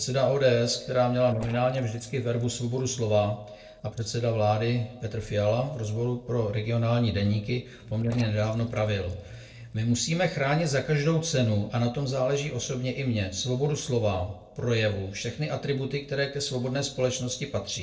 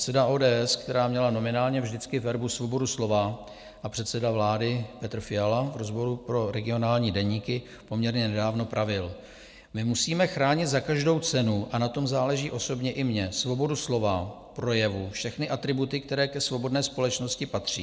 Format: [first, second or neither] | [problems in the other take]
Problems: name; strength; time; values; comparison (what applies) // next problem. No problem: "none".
second | noise reduction (neural separator model SepFormer DNS4)